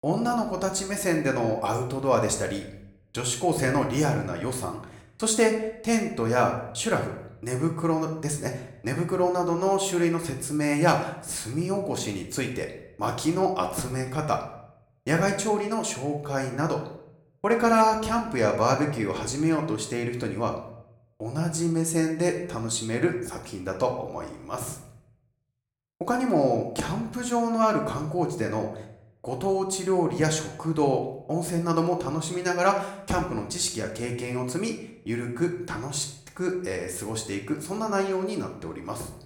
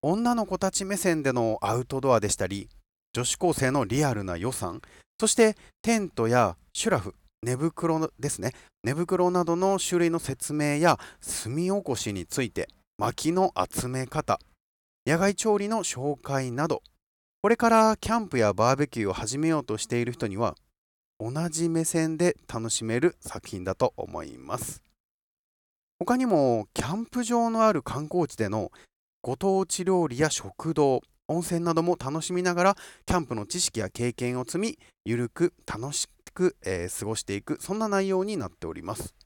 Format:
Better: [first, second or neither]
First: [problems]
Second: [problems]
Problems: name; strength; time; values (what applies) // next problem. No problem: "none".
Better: second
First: room echo; slight; dies away in 0.6 s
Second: none